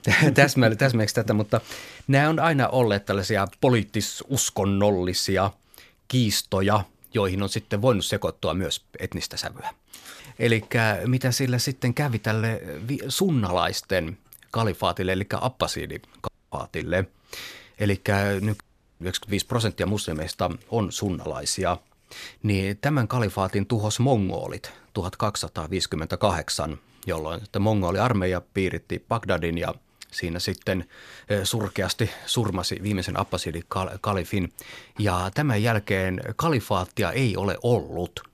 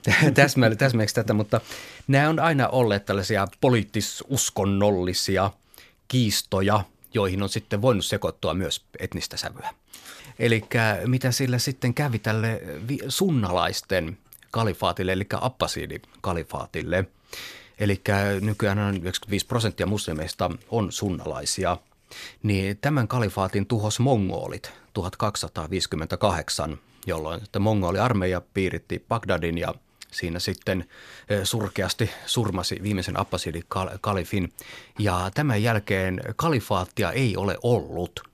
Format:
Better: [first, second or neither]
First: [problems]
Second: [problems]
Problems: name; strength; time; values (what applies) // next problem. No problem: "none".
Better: second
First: audio cutting out; at 16 s and at 19 s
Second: none